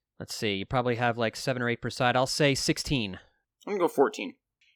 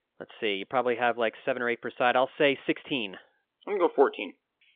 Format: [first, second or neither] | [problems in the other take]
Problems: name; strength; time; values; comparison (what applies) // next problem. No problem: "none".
first | phone-call audio; nothing above 3.5 kHz